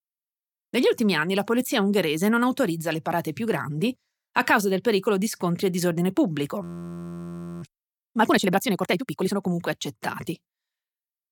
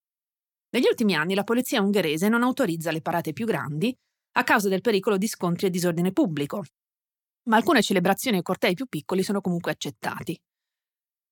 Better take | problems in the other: second | audio freezing; at 6.5 s for 1 s

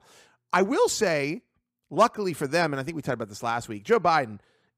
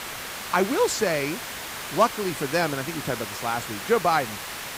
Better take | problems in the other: first | hiss; loud; throughout; 7 dB below the speech

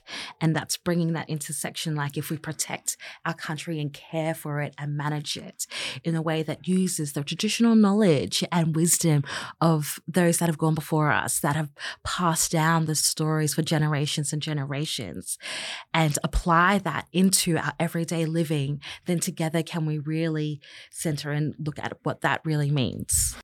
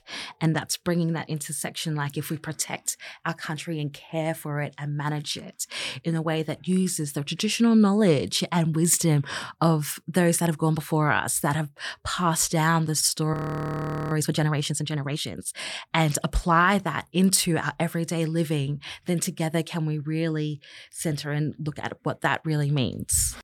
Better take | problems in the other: first | audio freezing; at 13 s for 1 s

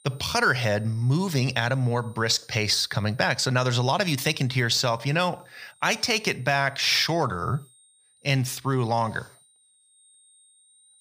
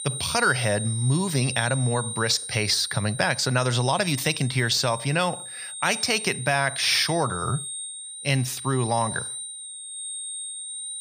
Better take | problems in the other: first | high-pitched whine; loud; throughout; 9 kHz, 8 dB below the speech; faint in the first

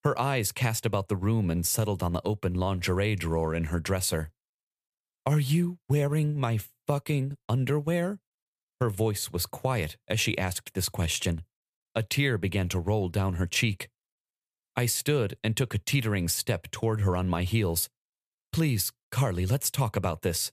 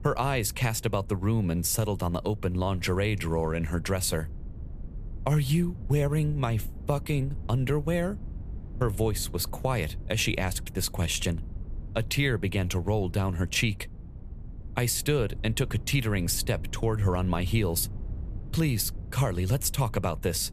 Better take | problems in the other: first | low rumble; faint; throughout; 20 dB below the speech

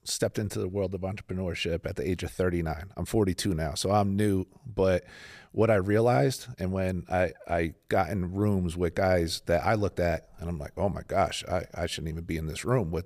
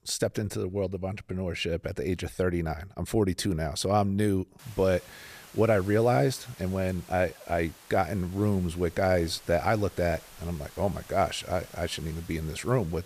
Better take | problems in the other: first | hiss; faint; from 4.5 s on; 20 dB below the speech

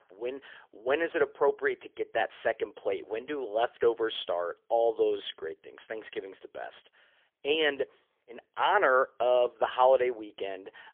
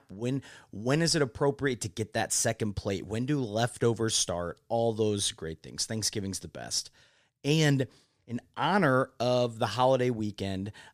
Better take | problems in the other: second | phone-call audio; poor line; nothing above 3.5 kHz

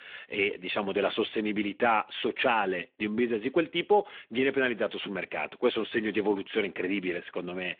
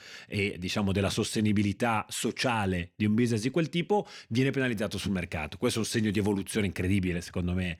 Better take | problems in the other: second | phone-call audio

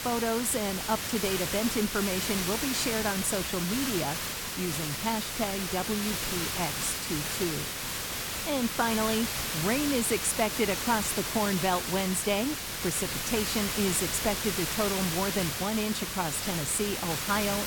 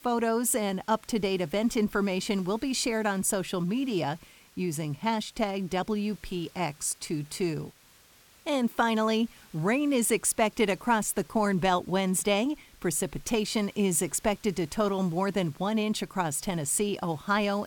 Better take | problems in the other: second | hiss; loud; throughout; 1 dB below the speech; faint in the second

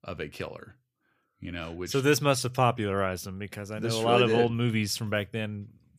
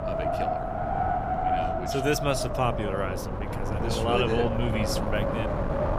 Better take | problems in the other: first | wind noise on the microphone; heavy; as loud as the speech

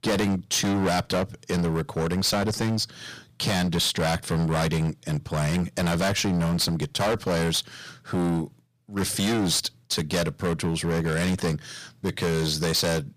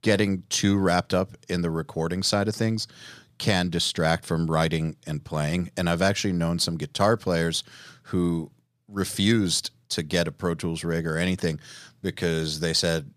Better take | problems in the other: second | distortion; heavy; 19% of the sound clipped

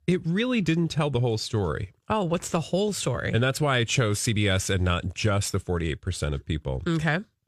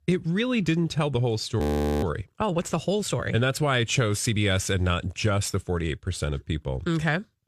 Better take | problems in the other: first | audio freezing; at 1.5 s

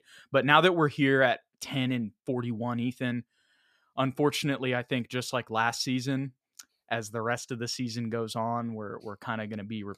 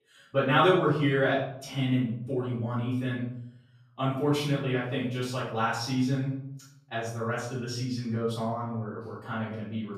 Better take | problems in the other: first | off-mic speech; far // room echo; noticeable; dies away in 0.8 s

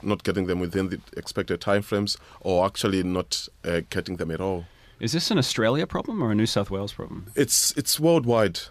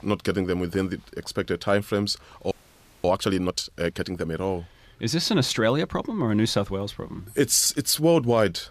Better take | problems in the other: first | audio freezing; at 2.5 s for 0.5 s

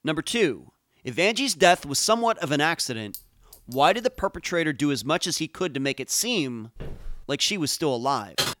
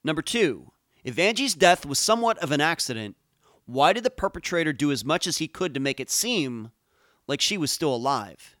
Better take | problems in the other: second | clattering dishes; faint; at 3 s; peak 15 dB below the speech // footsteps; faint; at 7 s; peak 15 dB below the speech // keyboard typing; noticeable; at 8.5 s; peak 2 dB below the speech

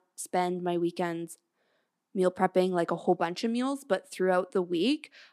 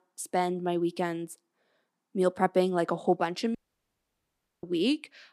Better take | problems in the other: first | audio cutting out; at 3.5 s for 1 s

